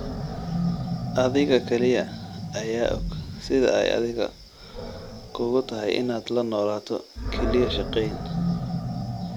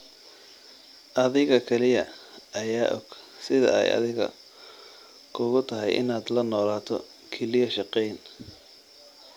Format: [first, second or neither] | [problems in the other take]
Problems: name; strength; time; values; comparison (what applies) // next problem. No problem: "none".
second | background sound (Animal); 5 dB below the speech